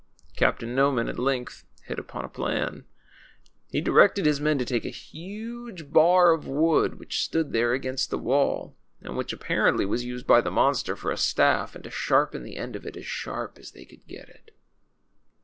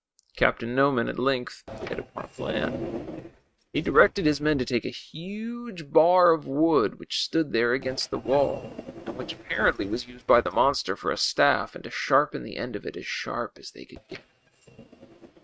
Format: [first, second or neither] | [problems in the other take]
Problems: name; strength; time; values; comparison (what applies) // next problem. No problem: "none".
first | noise reduction (neural mask model RNNoise)